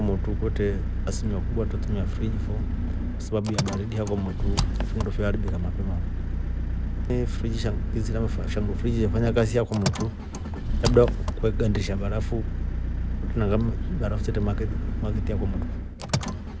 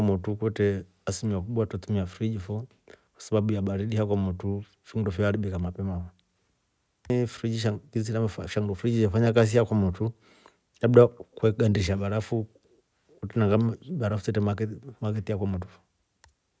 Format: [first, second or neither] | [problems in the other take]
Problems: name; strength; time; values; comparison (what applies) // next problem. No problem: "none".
second | background sound (Engine); 2 dB above the speech